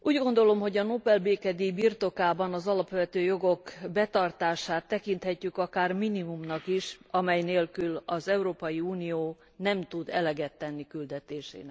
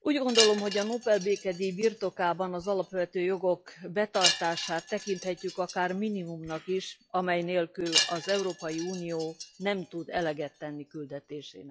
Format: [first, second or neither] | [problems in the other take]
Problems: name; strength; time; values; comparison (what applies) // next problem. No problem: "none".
first | noise reduction (classical method log-MMSE)